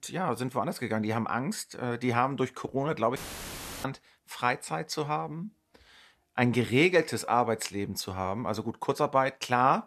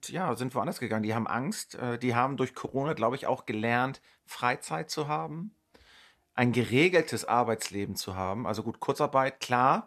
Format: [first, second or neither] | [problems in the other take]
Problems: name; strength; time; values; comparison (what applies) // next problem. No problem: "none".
second | audio cutting out; filled with static; at 3 s for 0.5 s